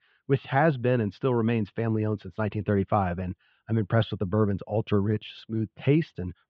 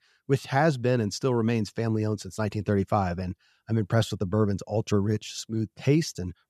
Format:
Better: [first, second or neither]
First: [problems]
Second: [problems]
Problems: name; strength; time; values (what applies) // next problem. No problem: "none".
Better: second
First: muffled; very; fading above 3.5 kHz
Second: none